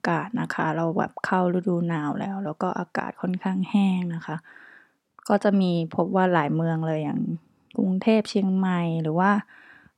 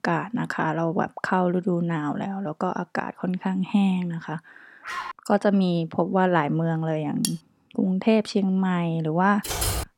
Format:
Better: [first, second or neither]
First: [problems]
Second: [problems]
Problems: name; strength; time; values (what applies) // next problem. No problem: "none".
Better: first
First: none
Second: dog barking; noticeable; at 5 s; peak 8 dB below the speech // clattering dishes; noticeable; at 7 s; peak 6 dB below the speech // keyboard typing; noticeable; at 9.5 s; peak 1 dB below the speech